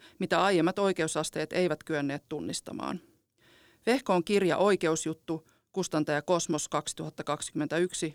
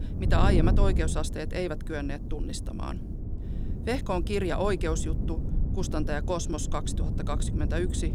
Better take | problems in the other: first | wind noise on the microphone; heavy; 9 dB below the speech

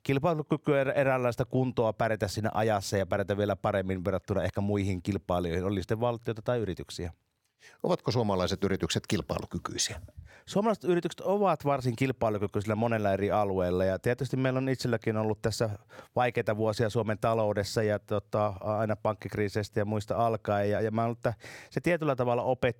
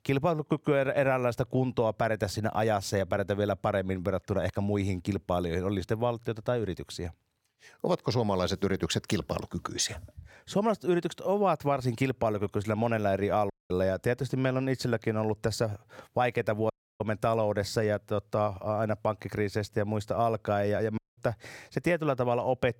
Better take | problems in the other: first | audio cutting out; at 14 s, at 17 s and at 21 s

